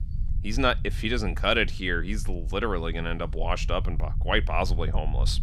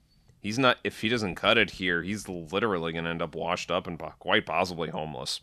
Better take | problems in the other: second | low rumble; faint; throughout; 20 dB below the speech

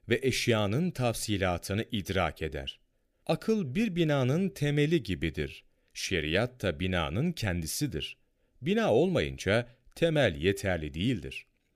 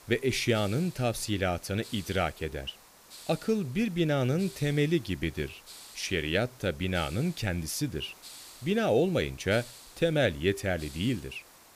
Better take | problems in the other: first | hiss; noticeable; throughout; 20 dB below the speech

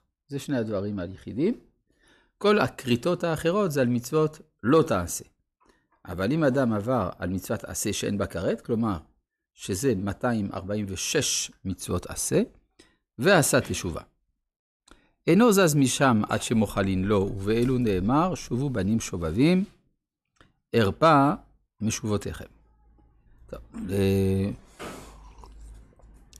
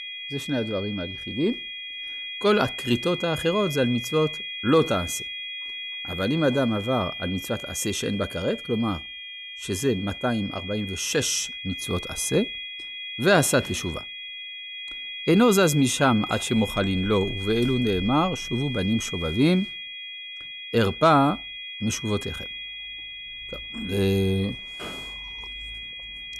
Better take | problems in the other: first | high-pitched whine; loud; throughout; 3.5 kHz, 8 dB below the speech

